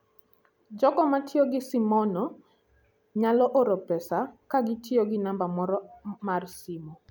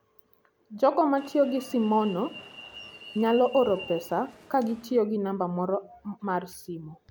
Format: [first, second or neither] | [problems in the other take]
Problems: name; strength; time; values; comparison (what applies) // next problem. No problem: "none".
first | background sound (Alarm); 18 dB below the speech